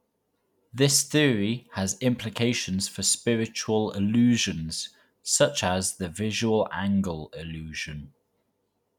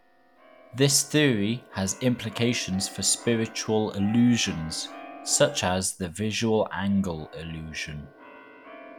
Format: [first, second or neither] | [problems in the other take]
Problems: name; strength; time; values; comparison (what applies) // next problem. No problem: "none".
first | background sound (Keyboard (musical)); 20 dB below the speech